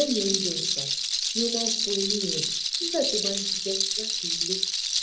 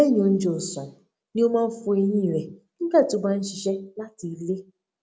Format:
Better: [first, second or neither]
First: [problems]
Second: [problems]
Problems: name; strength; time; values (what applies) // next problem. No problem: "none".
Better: second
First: background sound (Rattle); 4 dB above the speech // room echo; dies away in 0.3 s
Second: none